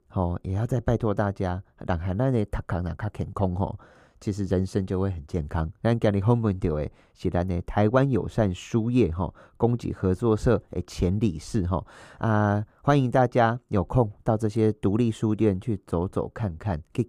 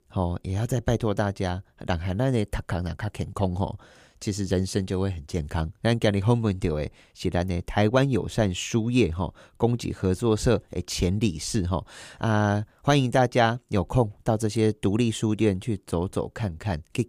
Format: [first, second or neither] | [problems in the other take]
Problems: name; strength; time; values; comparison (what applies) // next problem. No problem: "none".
second | muffled; slightly; fading above 2 kHz